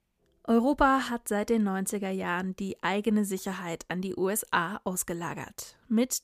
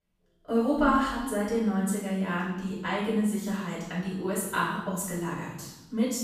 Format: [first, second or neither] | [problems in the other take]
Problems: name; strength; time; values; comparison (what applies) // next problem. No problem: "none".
first | off-mic speech; far // room echo; strong; dies away in 1 s